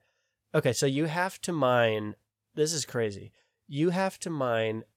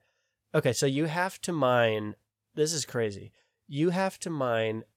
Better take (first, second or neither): neither